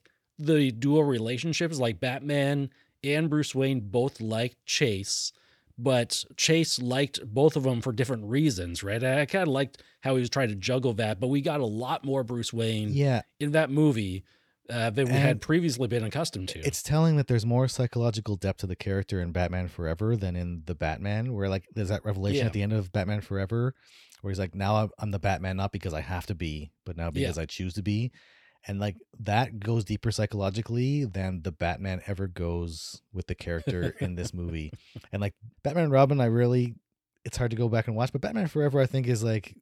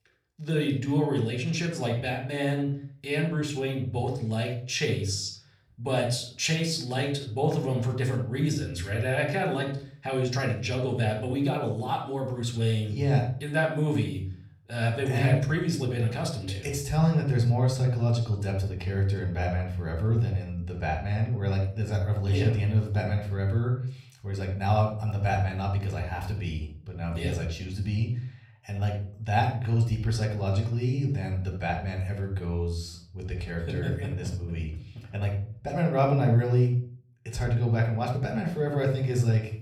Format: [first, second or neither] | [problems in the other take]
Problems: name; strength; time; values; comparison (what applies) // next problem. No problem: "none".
first | off-mic speech; somewhat distant // room echo; slight; dies away in 0.5 s